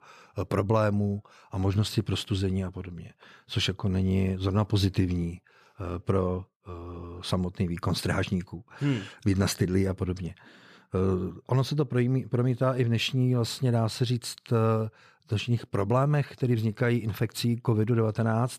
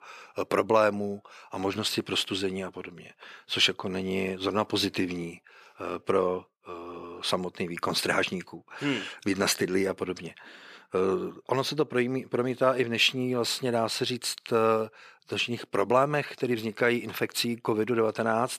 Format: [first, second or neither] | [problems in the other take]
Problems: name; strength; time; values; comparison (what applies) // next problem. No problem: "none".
first | thin; somewhat; fading below 350 Hz